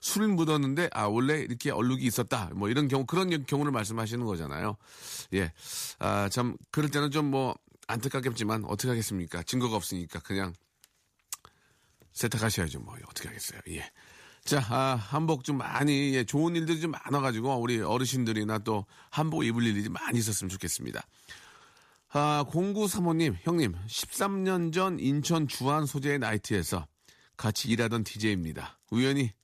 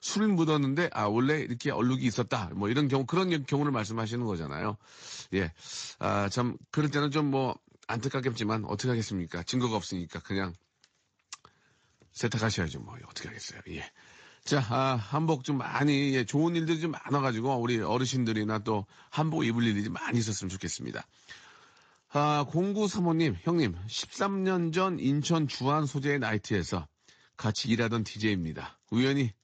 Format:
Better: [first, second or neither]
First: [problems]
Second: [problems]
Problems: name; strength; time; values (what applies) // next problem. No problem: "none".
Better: first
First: none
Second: garbled, watery; slightly; nothing above 7.5 kHz